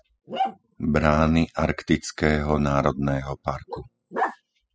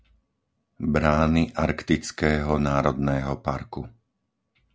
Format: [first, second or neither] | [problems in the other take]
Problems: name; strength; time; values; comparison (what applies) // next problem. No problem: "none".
second | noise reduction (classical method spectral subtraction)